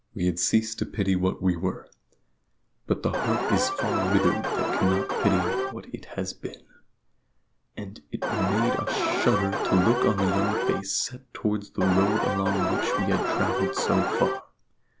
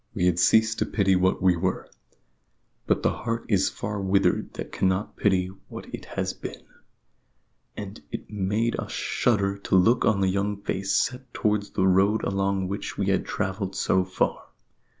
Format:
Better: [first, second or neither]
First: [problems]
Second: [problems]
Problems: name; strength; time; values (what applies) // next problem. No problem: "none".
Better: second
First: background sound (Alarm); 1 dB above the speech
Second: none